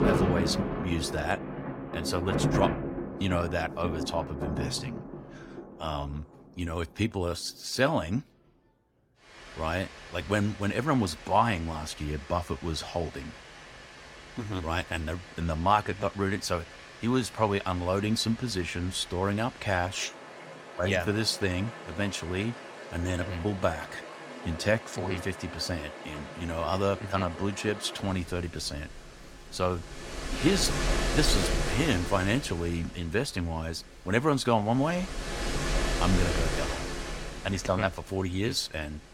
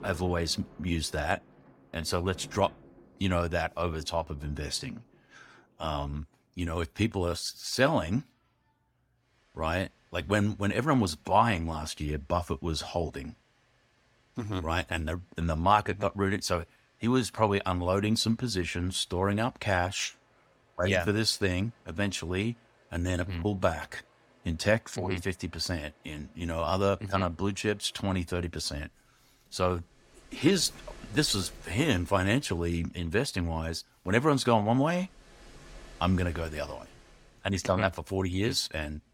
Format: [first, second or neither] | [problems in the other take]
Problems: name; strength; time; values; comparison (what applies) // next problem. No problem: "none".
second | rain or running water; loud; throughout; 6 dB below the speech; faint in the second